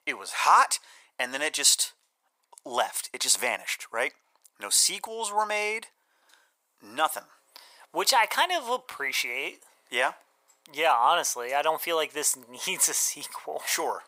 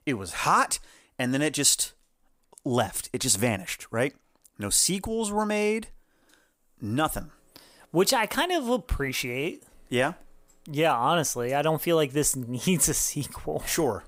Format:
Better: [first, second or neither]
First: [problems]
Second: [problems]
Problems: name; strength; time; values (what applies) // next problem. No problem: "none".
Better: second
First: thin; very; fading below 750 Hz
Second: none